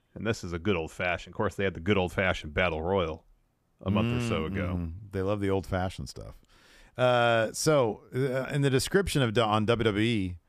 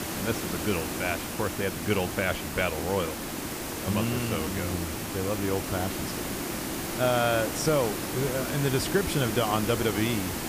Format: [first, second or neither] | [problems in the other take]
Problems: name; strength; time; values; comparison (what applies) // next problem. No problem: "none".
first | hiss; loud; throughout; 3 dB below the speech